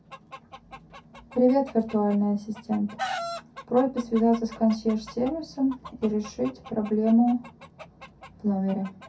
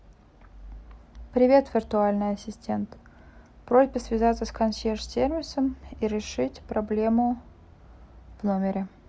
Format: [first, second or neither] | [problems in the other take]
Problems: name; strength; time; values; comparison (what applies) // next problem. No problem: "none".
second | background sound (Chicken, rooster); 16 dB below the speech // room echo; dies away in 0.3 s